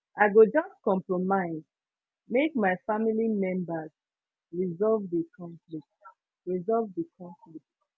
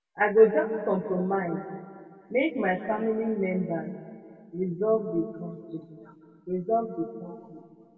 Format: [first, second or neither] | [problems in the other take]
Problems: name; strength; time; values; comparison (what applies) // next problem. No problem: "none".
first | room echo; dies away in 2 s